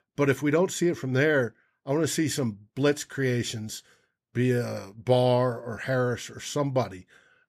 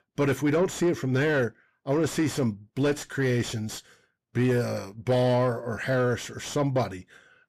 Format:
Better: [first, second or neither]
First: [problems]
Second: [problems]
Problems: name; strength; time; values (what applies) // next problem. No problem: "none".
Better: first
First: none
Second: distortion; slight; 10 dB below the speech